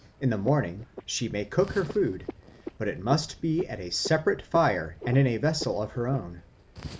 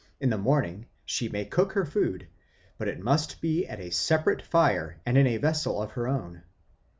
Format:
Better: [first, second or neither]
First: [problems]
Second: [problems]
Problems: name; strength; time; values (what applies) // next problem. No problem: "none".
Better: second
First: background sound (Frog); 15 dB below the speech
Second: none